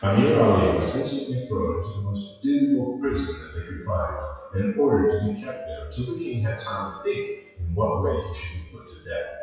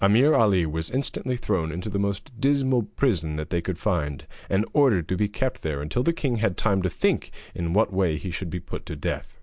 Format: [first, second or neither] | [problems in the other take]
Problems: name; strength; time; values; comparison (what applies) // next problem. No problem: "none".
second | noise reduction (classical method WPE with log-MMSE)